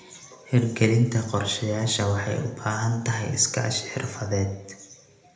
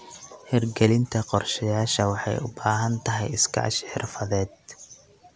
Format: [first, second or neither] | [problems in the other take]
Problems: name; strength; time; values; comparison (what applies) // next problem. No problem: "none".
second | room echo; dies away in 0.7 s